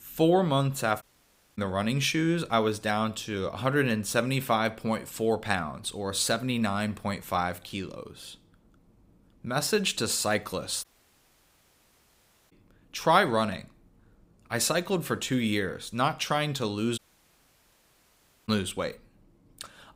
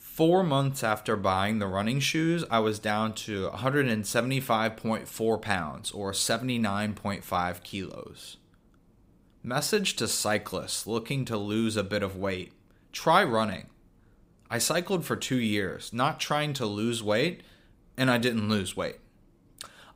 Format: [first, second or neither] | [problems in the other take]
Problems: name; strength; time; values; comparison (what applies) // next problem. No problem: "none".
second | audio cutting out; at 1 s for 0.5 s, at 11 s for 1.5 s and at 17 s for 1.5 s